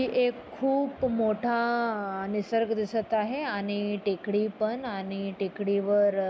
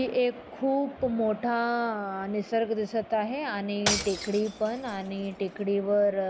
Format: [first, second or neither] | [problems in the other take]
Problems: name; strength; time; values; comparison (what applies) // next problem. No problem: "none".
first | background sound (Shatter / Crushing); 8 dB below the speech